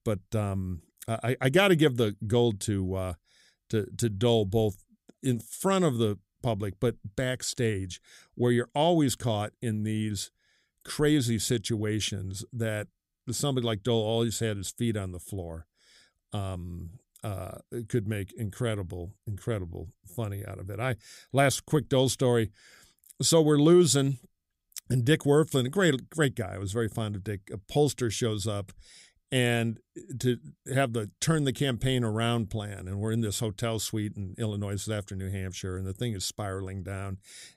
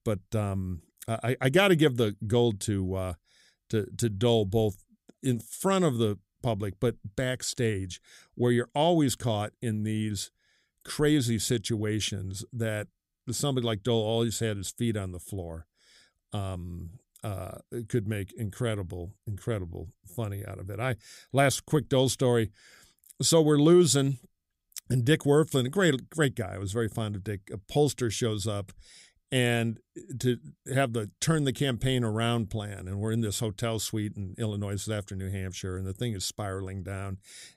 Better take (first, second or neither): neither